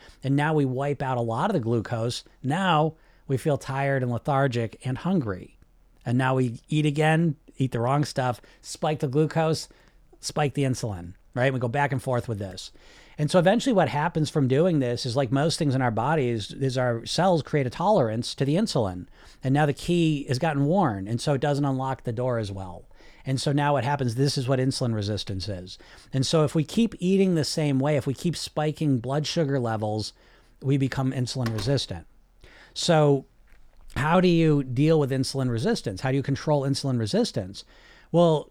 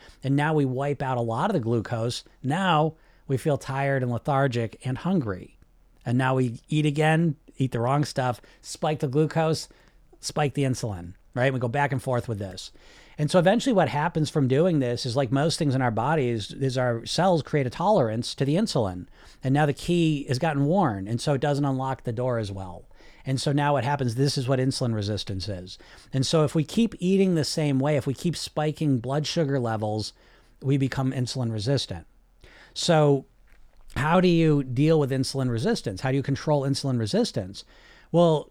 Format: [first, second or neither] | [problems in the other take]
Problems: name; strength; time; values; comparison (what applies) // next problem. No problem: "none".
second | door banging; faint; from 31 to 34 s; peak 15 dB below the speech